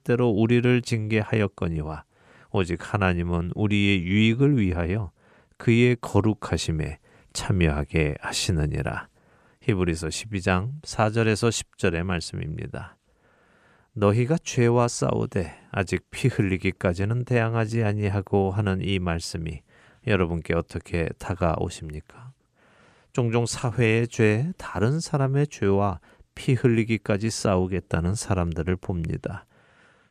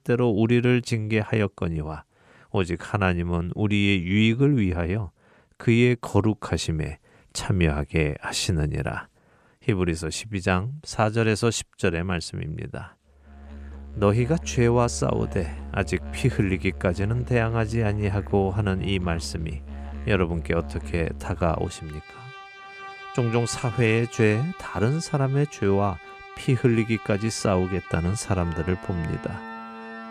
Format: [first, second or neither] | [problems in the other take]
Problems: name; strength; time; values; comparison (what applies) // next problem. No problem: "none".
first | background music; noticeable; from 14 s on; 15 dB below the speech